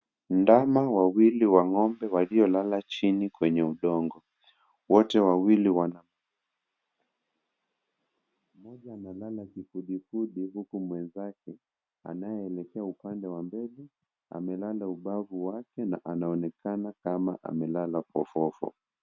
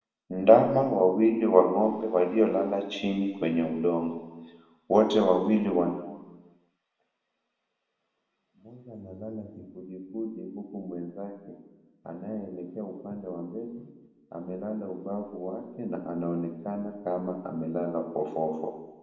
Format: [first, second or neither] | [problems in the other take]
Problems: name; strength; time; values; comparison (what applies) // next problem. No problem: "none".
first | room echo; dies away in 1.1 s